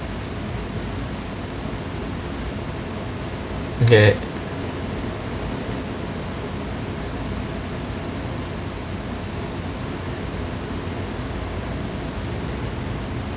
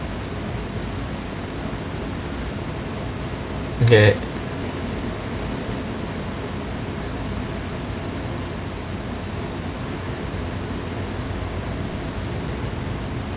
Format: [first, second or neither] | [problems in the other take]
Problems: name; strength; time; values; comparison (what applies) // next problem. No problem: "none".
first | background sound (Aircraft); 13 dB below the speech